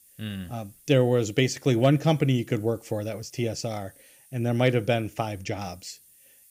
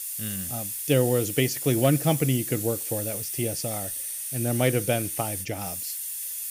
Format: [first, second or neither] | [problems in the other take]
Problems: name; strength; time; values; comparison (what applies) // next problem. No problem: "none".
first | hiss; loud; throughout; 3 dB below the speech; faint in the first